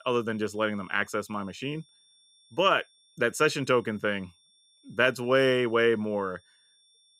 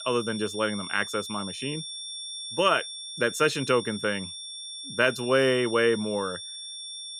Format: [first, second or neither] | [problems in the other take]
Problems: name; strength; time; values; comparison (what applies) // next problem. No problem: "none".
first | high-pitched whine; loud; throughout; 3.5 kHz, 9 dB below the speech; faint in the first